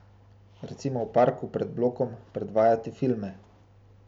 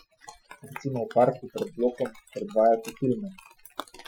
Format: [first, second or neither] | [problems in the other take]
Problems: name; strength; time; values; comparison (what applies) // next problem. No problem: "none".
first | noise reduction (classical method Wiener filter)